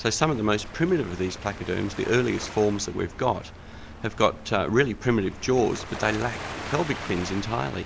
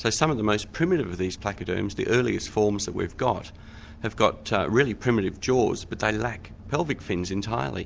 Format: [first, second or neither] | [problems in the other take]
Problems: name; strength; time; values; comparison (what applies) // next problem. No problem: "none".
second | background sound (Waves, surf); 14 dB below the speech